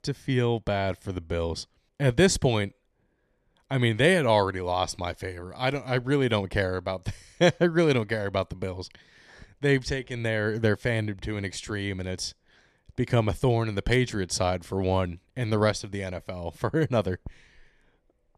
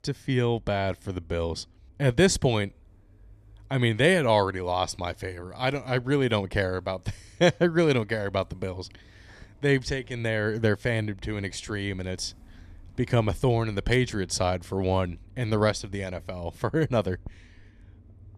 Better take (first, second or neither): first